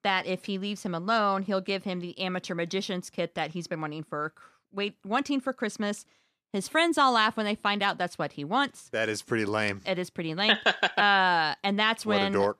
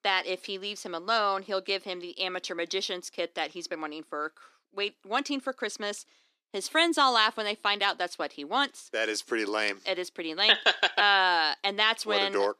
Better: first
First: none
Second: thin; somewhat; fading below 300 Hz

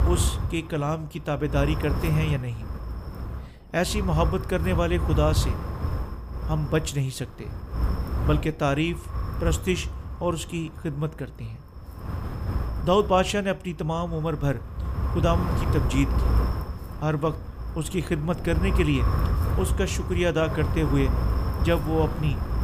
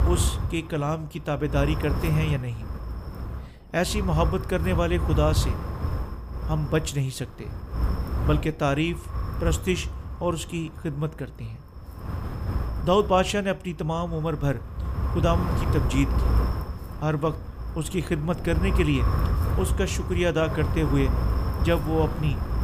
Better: neither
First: wind noise on the microphone; heavy; 9 dB below the speech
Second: wind noise on the microphone; heavy; 9 dB below the speech

